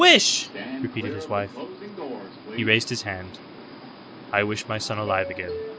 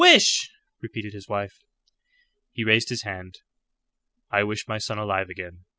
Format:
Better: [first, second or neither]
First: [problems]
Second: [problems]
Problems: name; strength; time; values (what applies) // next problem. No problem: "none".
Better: second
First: background sound (Subway, metro, underground); 10 dB below the speech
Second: none